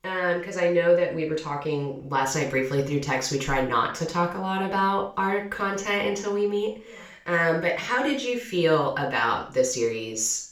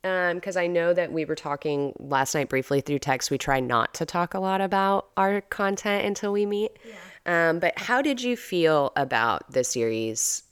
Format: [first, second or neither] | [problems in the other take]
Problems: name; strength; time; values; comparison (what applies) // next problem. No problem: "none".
second | room echo; slight; dies away in 0.4 s // off-mic speech; far